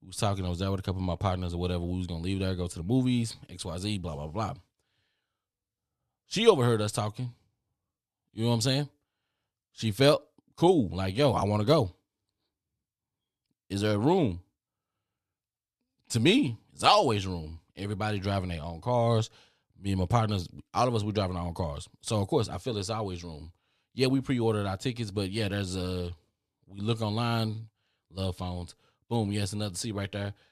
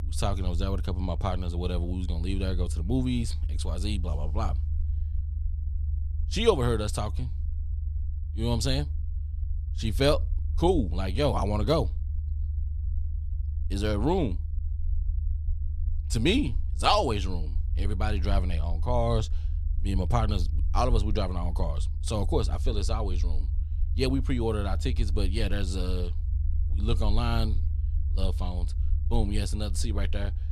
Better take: first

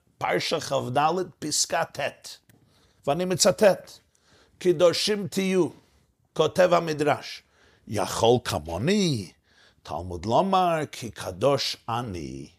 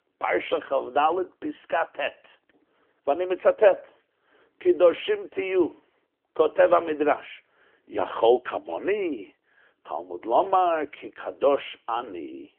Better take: first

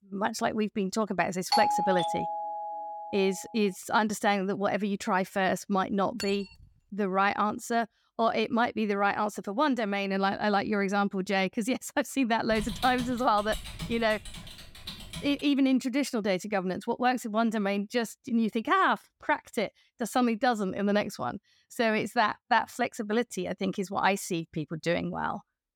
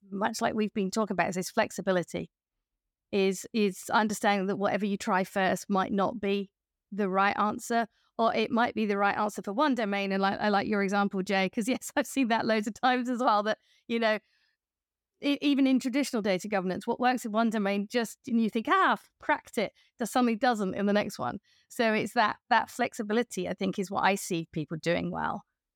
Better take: second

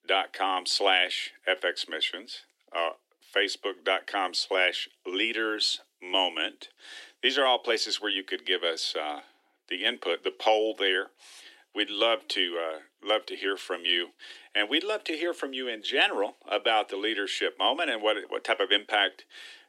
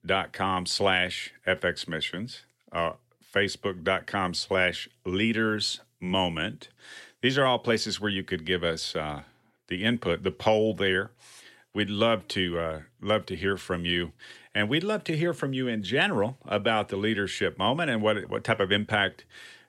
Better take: second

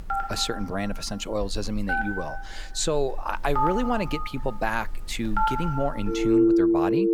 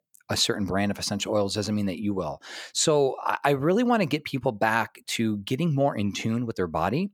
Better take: second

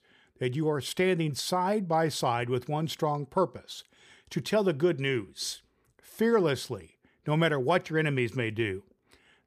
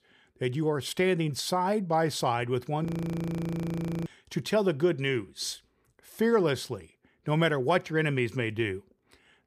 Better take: first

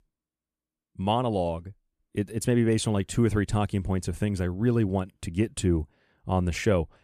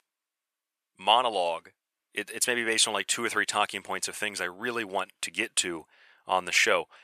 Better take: first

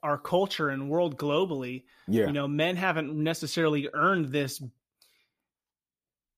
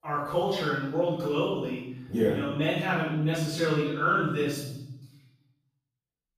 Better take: first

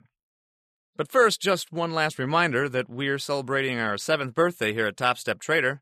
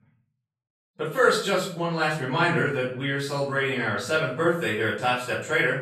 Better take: first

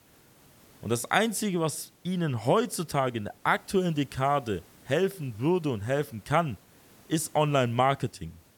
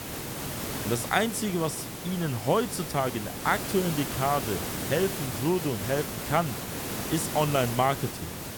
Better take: first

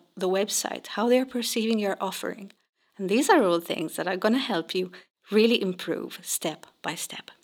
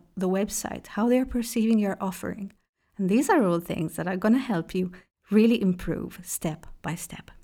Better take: second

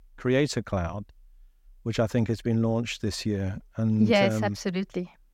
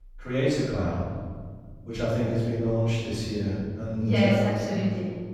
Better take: first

